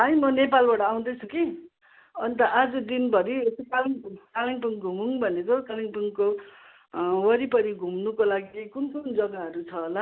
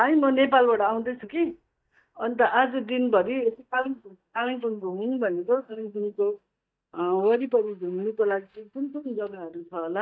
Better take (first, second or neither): first